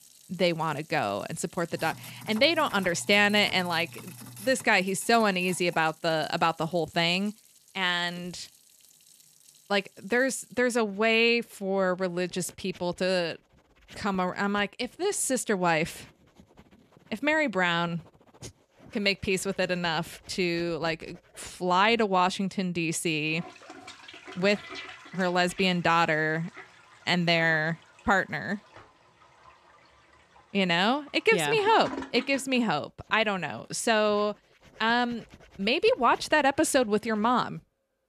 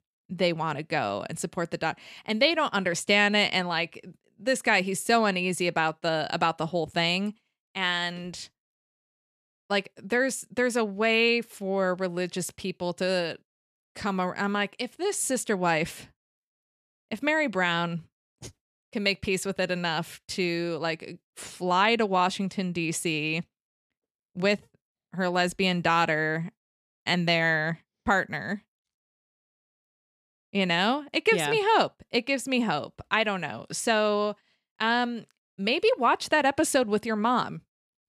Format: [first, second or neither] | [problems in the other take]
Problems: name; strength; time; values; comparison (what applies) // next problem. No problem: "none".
second | household noises; faint; throughout; 20 dB below the speech